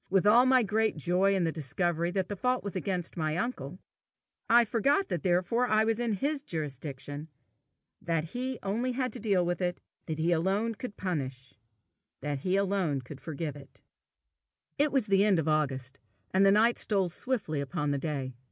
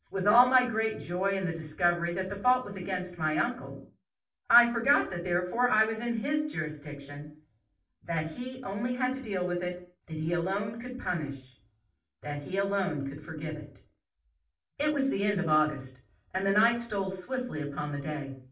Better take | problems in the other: first | room echo; dies away in 0.4 s

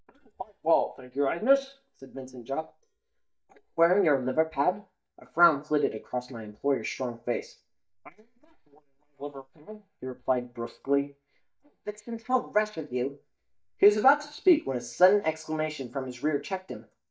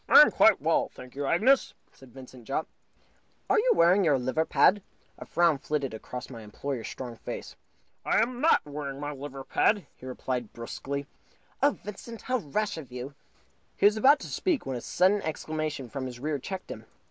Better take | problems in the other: second | noise reduction (neural mask model DeepFilterNet 3)

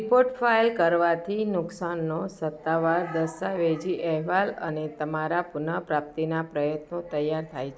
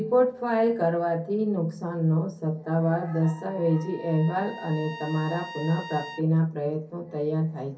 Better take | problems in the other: first | background sound (Trumpet); 15 dB below the speech // room echo; dies away in 0.3 s

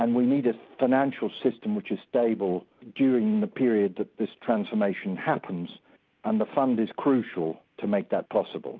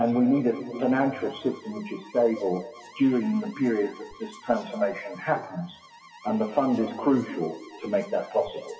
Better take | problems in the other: first | noise reduction (classical method WPE with log-MMSE)

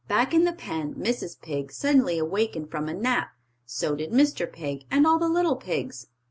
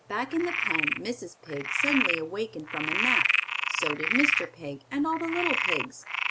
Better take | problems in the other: first | background sound (Frog); 3 dB above the speech

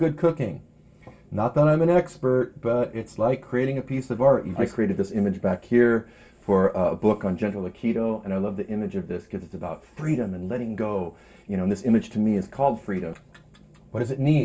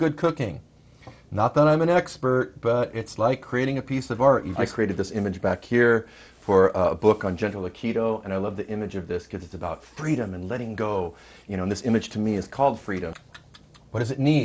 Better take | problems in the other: second | room echo; dies away in 0.2 s

